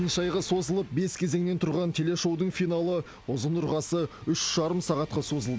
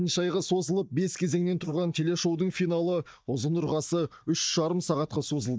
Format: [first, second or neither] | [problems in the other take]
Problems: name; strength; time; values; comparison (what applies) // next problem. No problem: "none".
first | noise reduction (neural mask model DeepFilterNet 3)